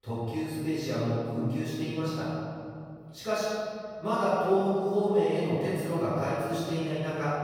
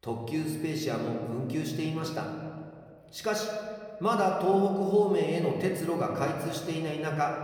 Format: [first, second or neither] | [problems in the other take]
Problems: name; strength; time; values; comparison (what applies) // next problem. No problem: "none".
second | room echo; strong; dies away in 2.3 s; slight in the second // off-mic speech; far; somewhat distant in the second